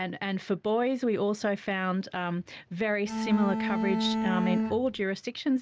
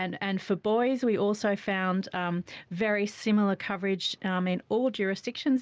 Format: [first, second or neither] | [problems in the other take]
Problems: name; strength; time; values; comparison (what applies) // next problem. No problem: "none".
second | background sound (Bowed string instrument); as loud as the speech